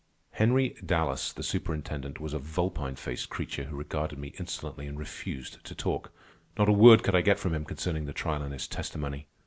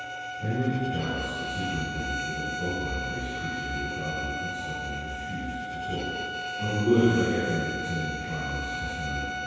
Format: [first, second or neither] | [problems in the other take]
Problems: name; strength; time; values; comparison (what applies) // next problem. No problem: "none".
first | background sound (Bowed string instrument); 3 dB below the speech // room echo; dies away in 2 s